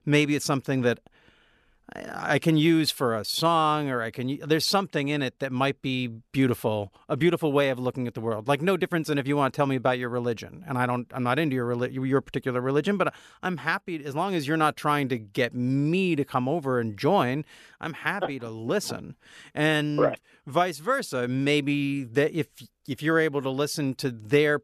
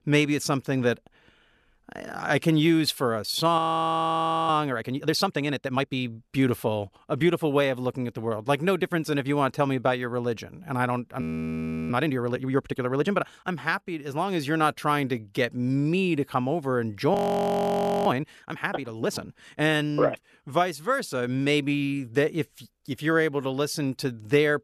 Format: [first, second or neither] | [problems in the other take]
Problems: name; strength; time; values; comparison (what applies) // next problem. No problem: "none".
first | audio freezing; at 3.5 s for 1 s, at 11 s for 0.5 s and at 17 s for 1 s